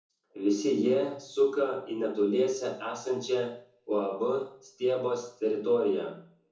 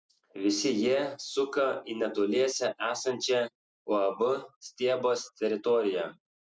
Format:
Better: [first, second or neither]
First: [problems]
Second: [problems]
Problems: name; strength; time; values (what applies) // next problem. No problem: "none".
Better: second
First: room echo; dies away in 0.7 s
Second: none